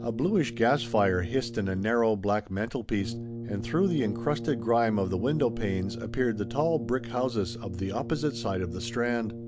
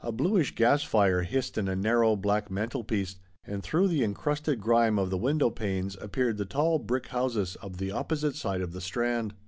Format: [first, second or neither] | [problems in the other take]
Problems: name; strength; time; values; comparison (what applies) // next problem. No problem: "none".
second | background sound (Brass instrument); 10 dB below the speech